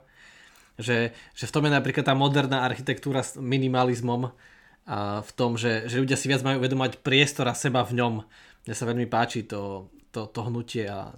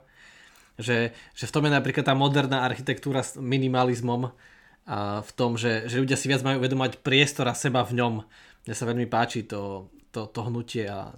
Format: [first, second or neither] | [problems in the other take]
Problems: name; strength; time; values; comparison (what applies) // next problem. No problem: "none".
neither | none